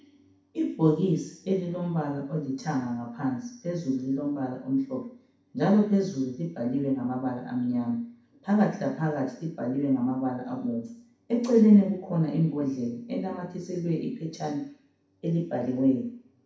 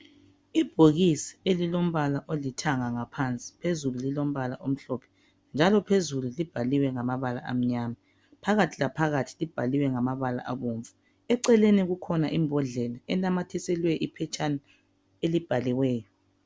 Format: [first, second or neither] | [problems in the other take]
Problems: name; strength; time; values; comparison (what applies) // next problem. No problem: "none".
second | room echo; dies away in 0.6 s